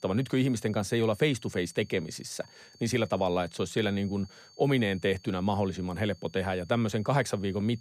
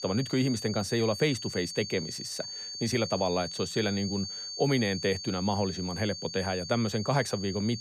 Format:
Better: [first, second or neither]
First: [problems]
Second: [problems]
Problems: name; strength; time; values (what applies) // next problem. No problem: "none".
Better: first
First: high-pitched whine; faint; throughout; 4.5 kHz, 25 dB below the speech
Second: high-pitched whine; loud; throughout; 4.5 kHz, 7 dB below the speech